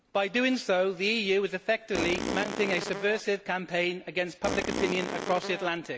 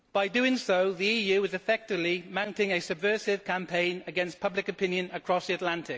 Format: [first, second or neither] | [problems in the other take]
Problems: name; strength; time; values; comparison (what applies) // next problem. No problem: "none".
second | background sound (Fart); 5 dB below the speech